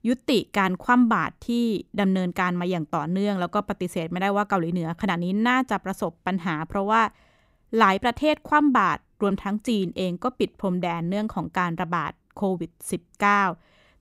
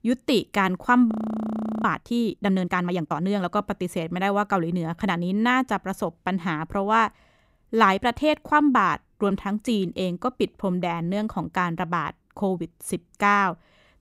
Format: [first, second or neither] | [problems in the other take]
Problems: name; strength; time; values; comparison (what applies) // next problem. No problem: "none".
first | audio freezing; at 1 s for 0.5 s